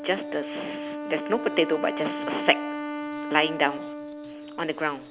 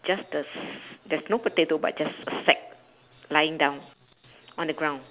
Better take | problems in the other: second | background sound (Wind instrument, woodwind instrument); 6 dB below the speech

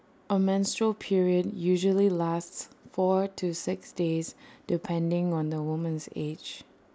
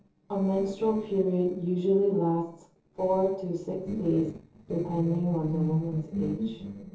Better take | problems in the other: first | noise reduction (neural separator model SepFormer DNS4)

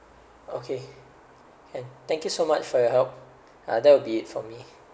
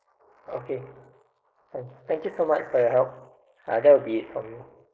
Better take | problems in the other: first | noise reduction (neural mask model Resemble Enhance denoiser)

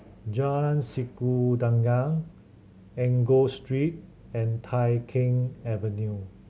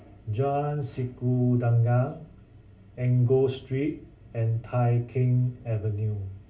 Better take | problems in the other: first | room echo; dies away in 0.3 s

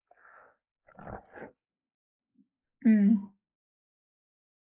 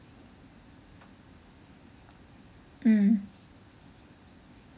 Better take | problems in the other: second | noise reduction (neural mask model Resemble Enhance denoiser)

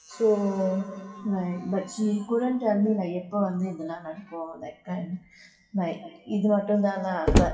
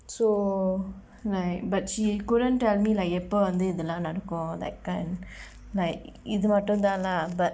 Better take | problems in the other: second | noise reduction (classical method WPE with log-MMSE)

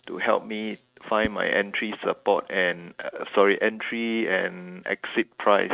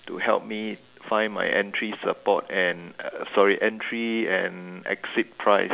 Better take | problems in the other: second | noise reduction (neural mask model RNNoise)

